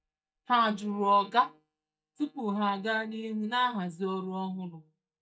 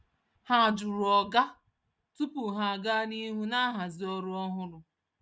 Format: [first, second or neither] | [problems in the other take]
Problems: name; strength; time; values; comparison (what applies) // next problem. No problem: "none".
second | noise reduction (neural mask model DeepFilterNet 3)